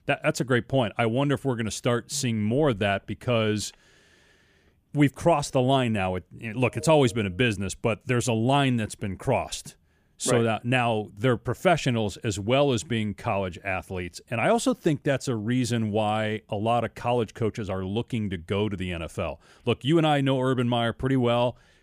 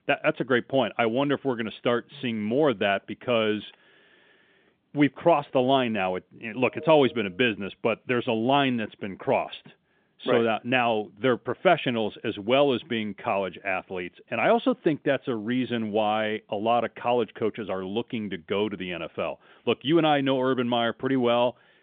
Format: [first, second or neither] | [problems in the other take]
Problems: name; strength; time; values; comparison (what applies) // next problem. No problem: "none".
first | phone-call audio; nothing above 3.5 kHz